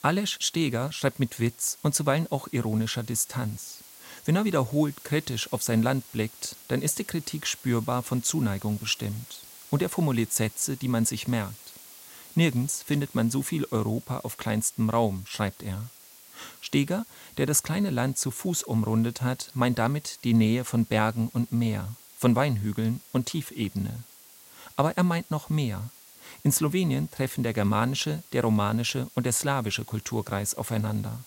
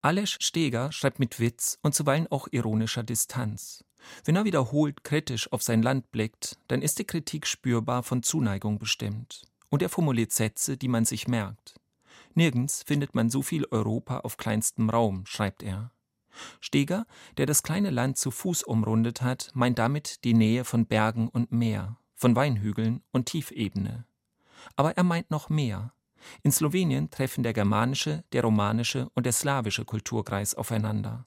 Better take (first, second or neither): second